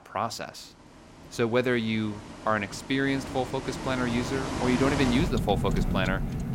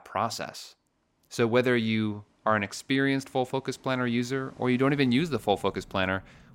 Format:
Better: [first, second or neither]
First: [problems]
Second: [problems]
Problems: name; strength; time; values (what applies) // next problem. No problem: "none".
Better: second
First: traffic noise; loud; throughout; 4 dB below the speech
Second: traffic noise; faint; throughout; 30 dB below the speech